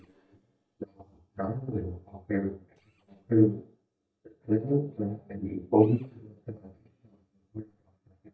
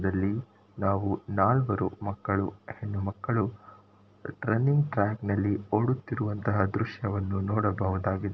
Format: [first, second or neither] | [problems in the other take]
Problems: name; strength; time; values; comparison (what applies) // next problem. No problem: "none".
second | noise reduction (neural mask model DeepFilterNet 3)